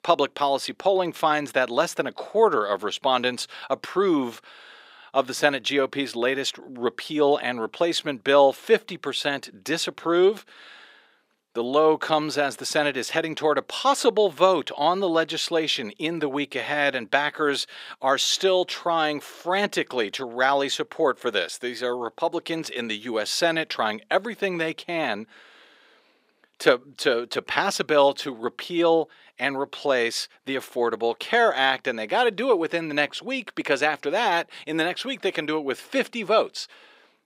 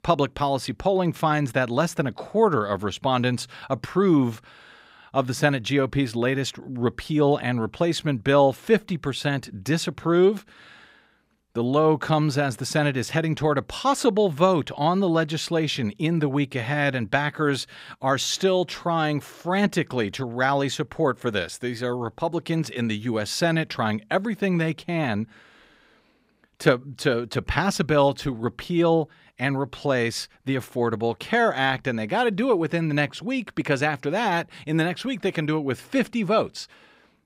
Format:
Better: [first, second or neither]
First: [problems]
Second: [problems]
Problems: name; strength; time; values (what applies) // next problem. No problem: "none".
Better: second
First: thin; somewhat; fading below 400 Hz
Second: none